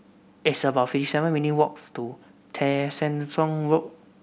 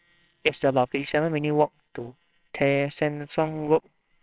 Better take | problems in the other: first | noise reduction (neural separator model SepFormer WHAMR!)

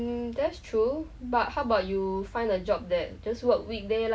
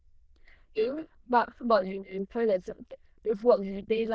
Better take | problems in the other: first | noise reduction (neural diffusion model UNIVERSE++)

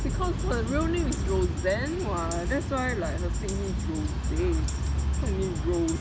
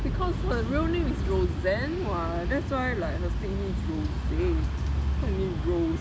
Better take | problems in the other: second | background sound (Tambourine); 19 dB below the speech

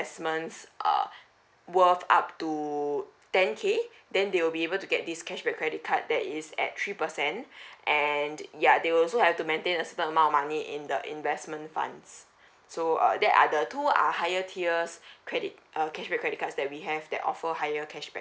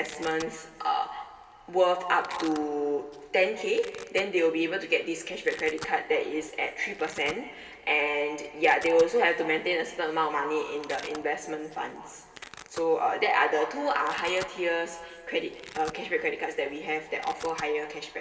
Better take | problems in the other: first | background sound (Domestic sounds, home sounds); 20 dB below the speech // room echo; dies away in 2.2 s

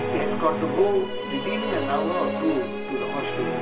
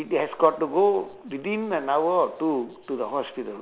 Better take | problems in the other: second | background sound (Musical instrument); 2 dB below the speech // room echo; dies away in 0.2 s

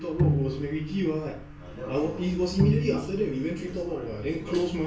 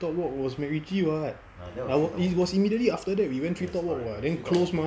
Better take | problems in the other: second | background sound (Bowed string instrument); 2 dB below the speech // room echo; dies away in 0.3 s

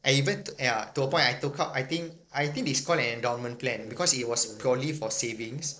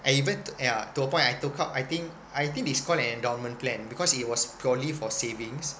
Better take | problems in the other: second | noise reduction (neural separator model SepFormer DNS4)

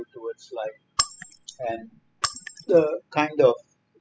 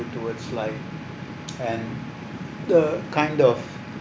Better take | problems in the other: second | noise reduction (classical method spectral subtraction)

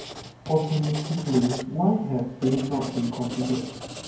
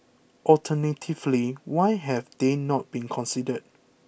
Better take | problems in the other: second | background sound (Writing); 11 dB below the speech // room echo; dies away in 0.9 s

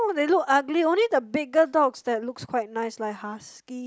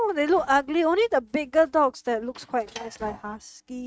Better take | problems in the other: first | noise reduction (neural mask model RNNoise)

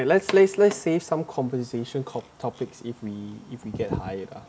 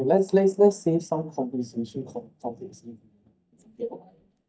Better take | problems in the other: first | noise reduction (neural mask model DeepFilterNet 3)

